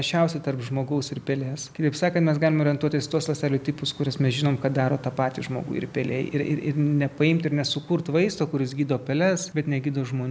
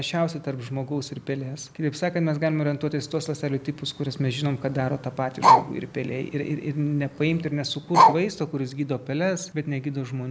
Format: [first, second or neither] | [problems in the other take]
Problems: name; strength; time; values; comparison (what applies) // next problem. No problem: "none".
first | background sound (Bark); 3 dB above the speech